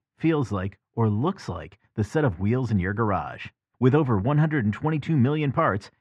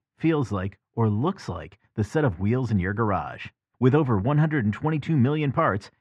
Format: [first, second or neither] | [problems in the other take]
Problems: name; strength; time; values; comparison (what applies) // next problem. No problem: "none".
neither | muffled; very; fading above 2 kHz; the same in both